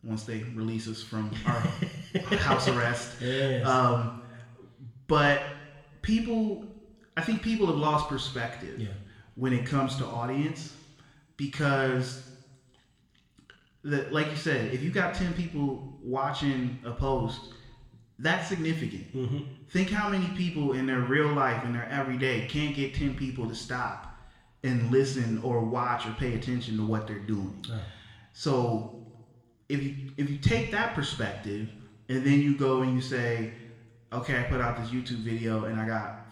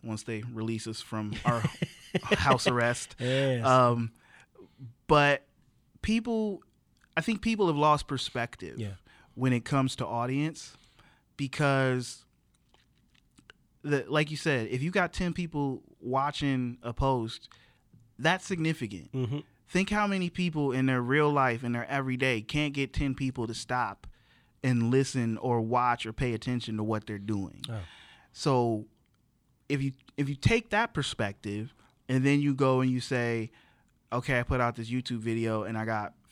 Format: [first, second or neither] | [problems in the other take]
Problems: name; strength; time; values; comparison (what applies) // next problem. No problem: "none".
second | room echo; slight; dies away in 0.9 s // off-mic speech; somewhat distant